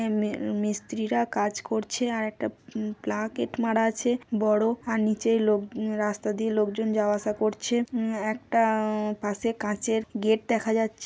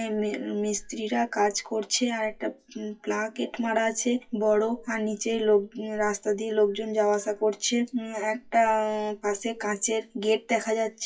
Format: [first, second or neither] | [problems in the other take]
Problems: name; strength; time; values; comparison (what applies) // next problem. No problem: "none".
first | noise reduction (classical method WPE with log-MMSE)